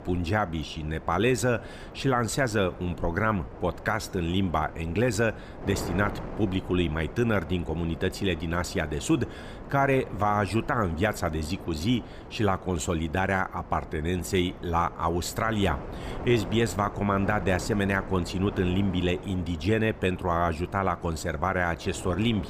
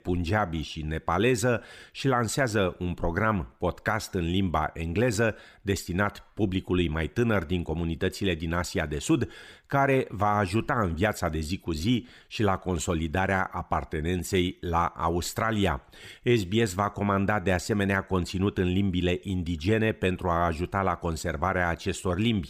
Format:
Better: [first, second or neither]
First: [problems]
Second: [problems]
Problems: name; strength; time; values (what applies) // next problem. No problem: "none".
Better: second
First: wind noise on the microphone; occasional gusts; 15 dB below the speech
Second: none